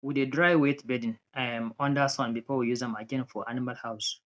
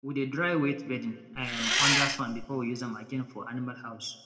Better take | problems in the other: first | background sound (Engine); 4 dB above the speech // room echo; dies away in 1.1 s

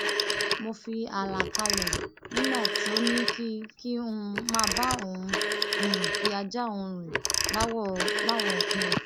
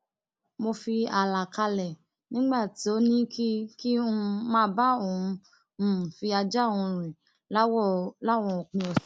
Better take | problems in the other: second | background sound (Telephone); 2 dB above the speech

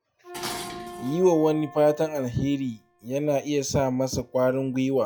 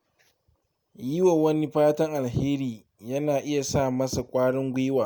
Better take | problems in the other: second | noise reduction (classical method log-MMSE)

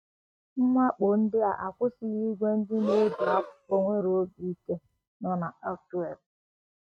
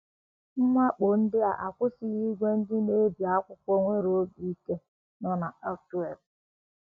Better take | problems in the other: second | noise reduction (neural mask model RNNoise)

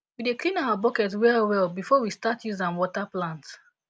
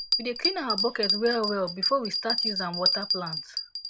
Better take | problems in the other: first | background sound (Bell); 1 dB above the speech

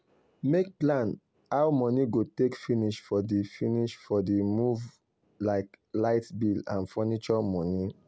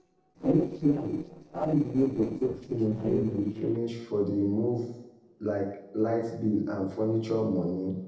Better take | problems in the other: first | noise reduction (neural separator model SepFormer DNS4)

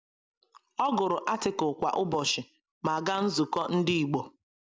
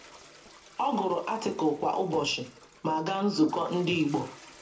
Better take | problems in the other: first | background sound (Toilet flush); 19 dB below the speech // room echo; dies away in 0.3 s

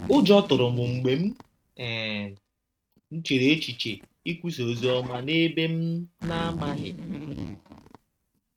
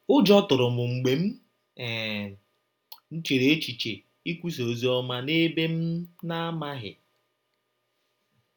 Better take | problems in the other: second | noise reduction (neural mask model RNNoise)

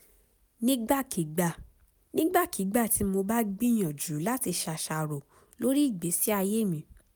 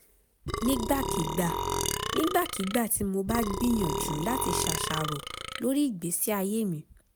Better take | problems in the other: first | background sound (Burping, eructation); 3 dB below the speech

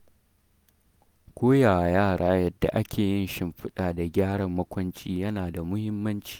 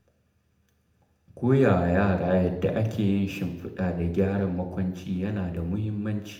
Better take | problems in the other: first | room echo; dies away in 0.8 s

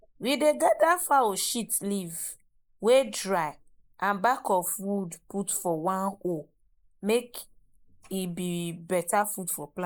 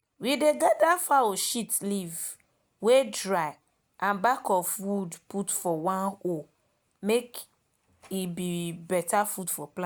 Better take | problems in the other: second | noise reduction (neural mask model Resemble Enhance denoiser)

